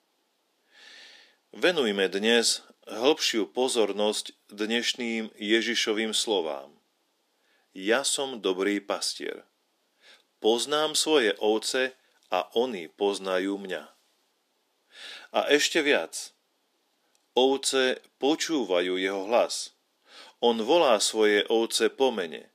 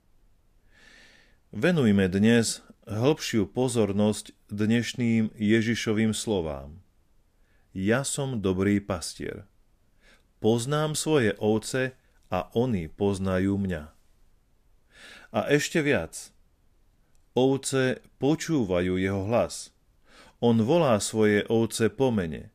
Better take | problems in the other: second | thin; somewhat; fading below 300 Hz

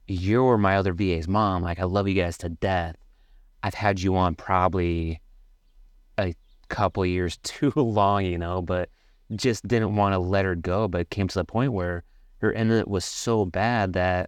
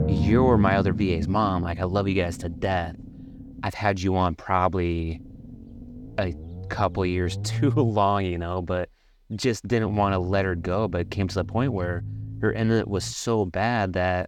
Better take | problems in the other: first | low rumble; noticeable; until 3.5 s, from 5 to 8 s and from 10 to 13 s; 15 dB below the speech

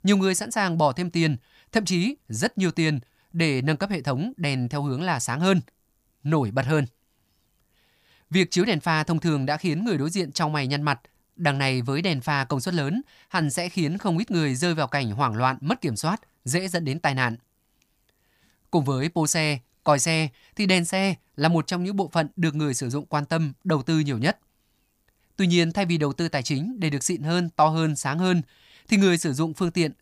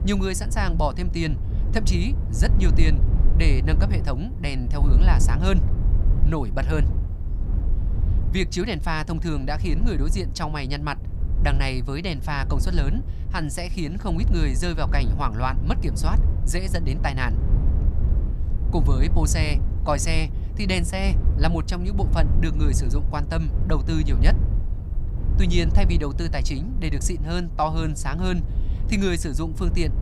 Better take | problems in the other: first | wind noise on the microphone; occasional gusts; 10 dB below the speech

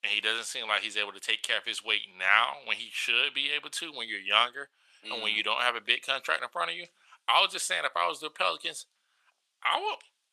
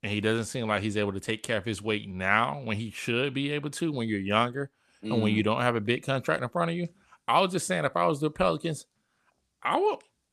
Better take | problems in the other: second | thin; very; fading below 900 Hz

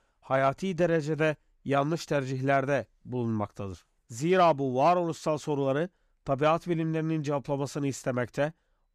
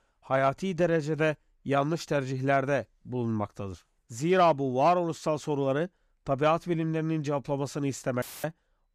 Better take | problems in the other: first | audio cutting out; filled with static; at 8 s

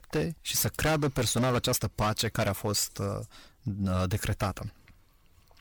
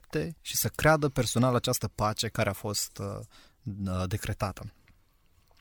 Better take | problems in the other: second | distortion; heavy; 10% of the sound clipped

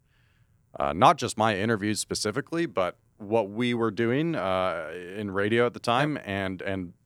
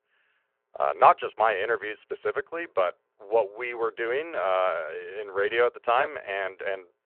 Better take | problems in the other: first | phone-call audio

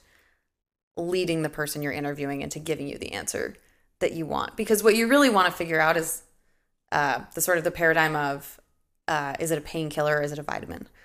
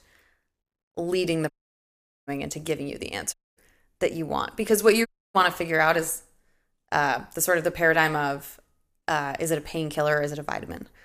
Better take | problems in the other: first | audio cutting out; at 1.5 s for 1 s, at 3.5 s and at 5 s

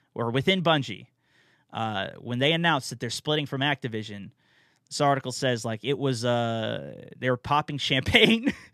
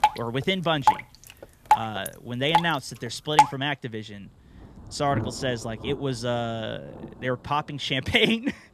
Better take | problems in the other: first | rain or running water; very loud; throughout; 1 dB above the speech

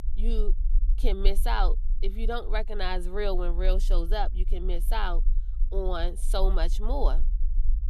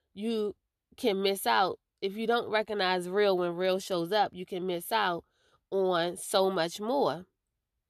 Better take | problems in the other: second | low rumble; faint; throughout; 20 dB below the speech

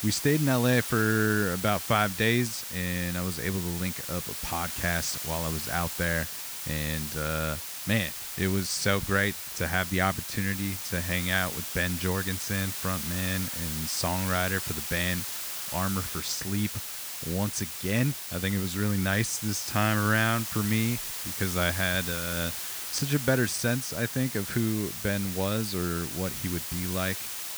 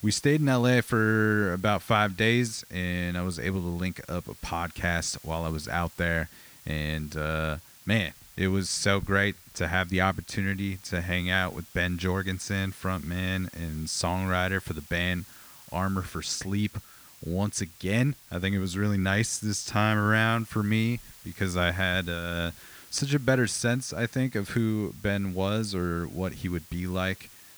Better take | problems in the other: second | hiss; loud; throughout; 4 dB below the speech; faint in the second

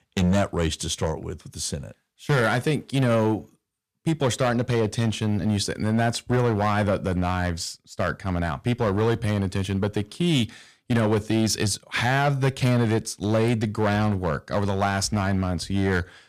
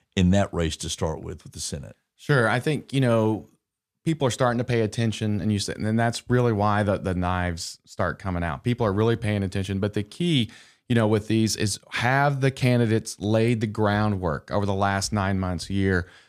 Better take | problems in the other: second | distortion; slight; 7% of the sound clipped

